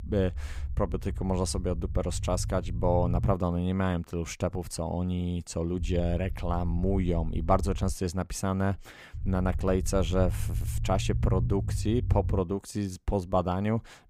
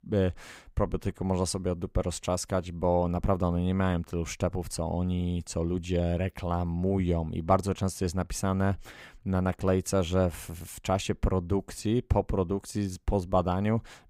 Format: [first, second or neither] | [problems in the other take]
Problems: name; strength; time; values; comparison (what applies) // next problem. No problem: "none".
second | low rumble; noticeable; until 3.5 s, from 6 to 8 s and from 9 to 12 s; 20 dB below the speech